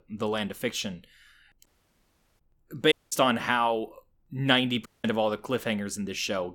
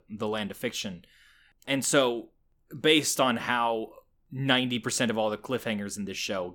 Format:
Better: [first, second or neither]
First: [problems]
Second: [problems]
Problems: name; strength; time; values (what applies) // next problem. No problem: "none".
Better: second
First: audio cutting out; at 1.5 s for 0.5 s, at 3 s and at 5 s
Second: none